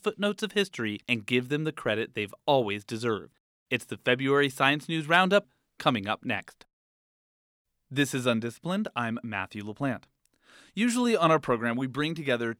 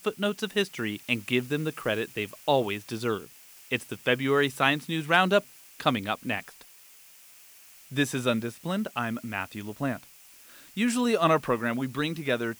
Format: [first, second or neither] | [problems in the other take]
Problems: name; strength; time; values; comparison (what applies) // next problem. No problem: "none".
first | hiss; faint; throughout; 20 dB below the speech